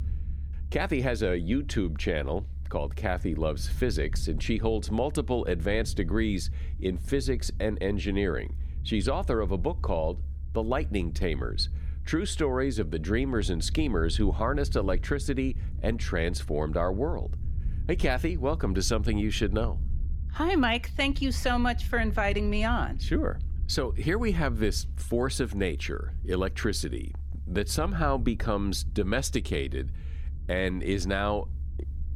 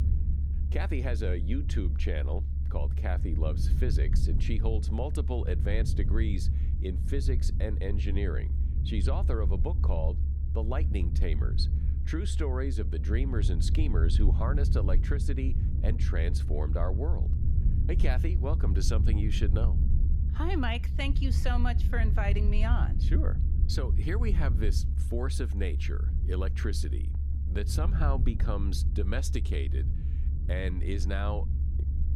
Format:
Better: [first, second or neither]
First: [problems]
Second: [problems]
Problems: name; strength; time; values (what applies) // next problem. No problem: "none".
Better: first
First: low rumble; faint; throughout; 20 dB below the speech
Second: low rumble; loud; throughout; 8 dB below the speech